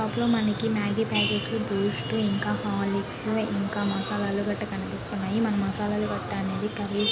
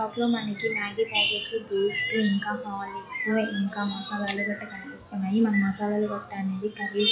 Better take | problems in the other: first | noise reduction (classical method log-MMSE)

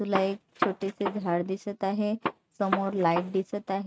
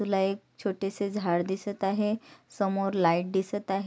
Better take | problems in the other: second | noise reduction (neural mask model RNNoise)

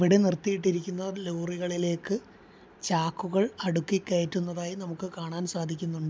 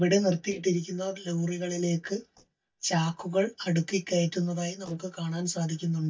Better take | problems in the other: first | noise reduction (neural mask model DeepFilterNet 3)

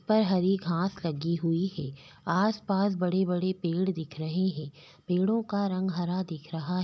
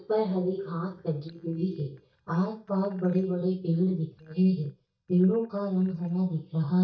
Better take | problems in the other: first | noise reduction (neural mask model DeepFilterNet 3)

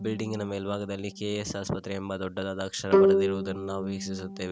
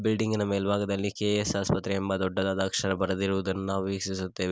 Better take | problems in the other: second | background sound (Bowed string instrument); 3 dB above the speech

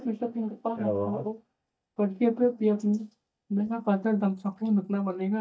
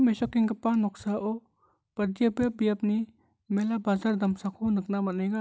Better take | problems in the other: second | noise reduction (neural mask model DeepFilterNet 3)

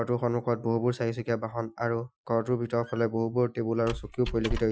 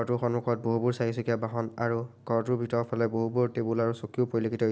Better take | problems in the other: second | noise reduction (classical method Wiener filter)

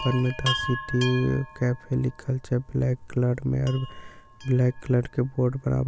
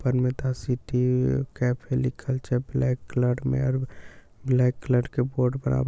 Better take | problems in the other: second | background sound (Chime); 12 dB below the speech

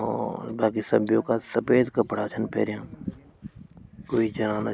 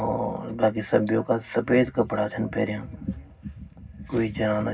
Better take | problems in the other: first | room echo; dies away in 0.4 s

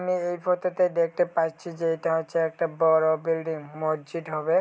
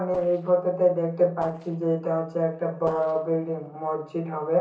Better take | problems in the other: first | noise reduction (neural separator model SepFormer DNS4)

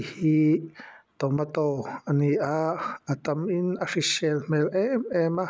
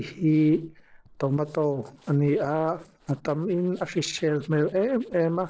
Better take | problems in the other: first | noise reduction (neural separator model SepFormer DNS4)

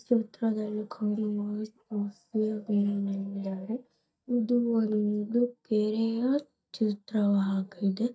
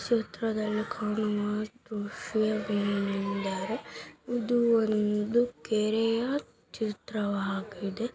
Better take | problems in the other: second | noise reduction (neural mask model DeepFilterNet 3)

